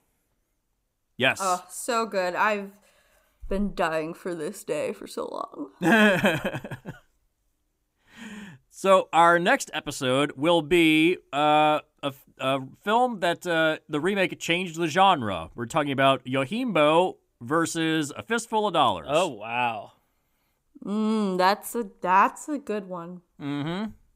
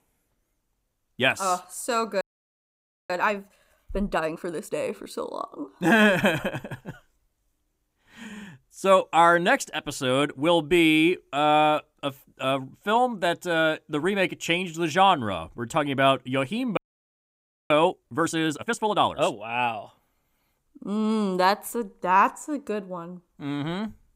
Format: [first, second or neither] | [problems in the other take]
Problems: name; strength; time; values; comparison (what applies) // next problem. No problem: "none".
first | audio freezing; at 2 s for 1 s and at 17 s for 1 s